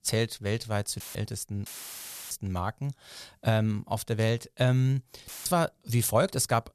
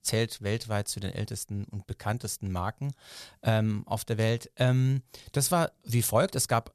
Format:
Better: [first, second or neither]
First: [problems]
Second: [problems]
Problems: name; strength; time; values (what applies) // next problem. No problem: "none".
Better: second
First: audio cutting out; filled with static; at 1 s, at 1.5 s for 0.5 s and at 5.5 s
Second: none